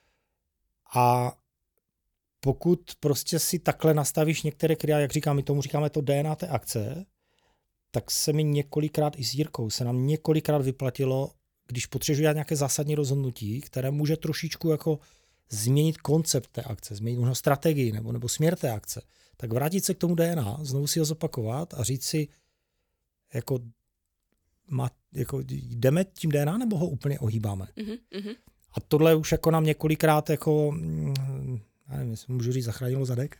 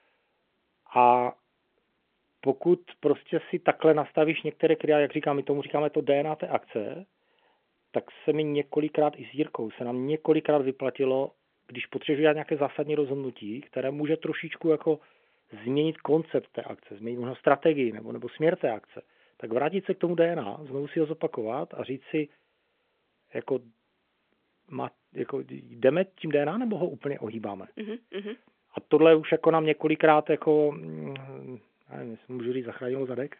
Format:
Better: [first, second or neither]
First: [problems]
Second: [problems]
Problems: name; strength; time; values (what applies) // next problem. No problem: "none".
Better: first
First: none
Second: phone-call audio